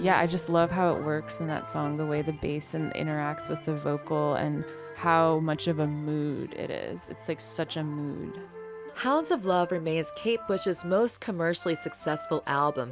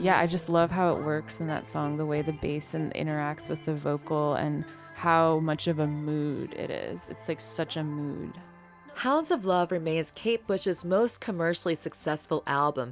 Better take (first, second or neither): second